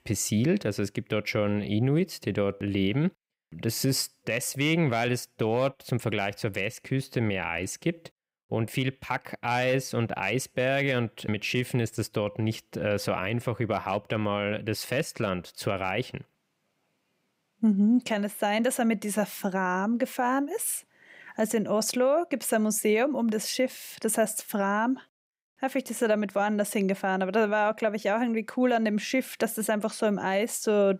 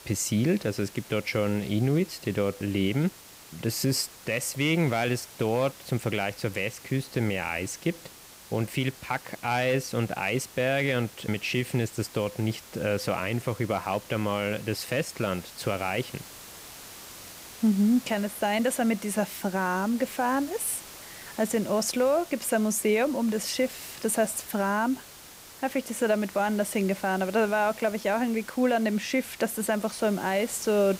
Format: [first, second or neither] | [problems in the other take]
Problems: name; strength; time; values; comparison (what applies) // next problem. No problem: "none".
first | hiss; noticeable; throughout; 15 dB below the speech